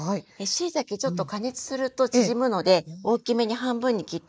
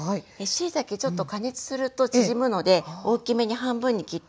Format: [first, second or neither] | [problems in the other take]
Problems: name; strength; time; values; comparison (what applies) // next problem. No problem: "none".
second | noise reduction (neural mask model Resemble Enhance denoiser)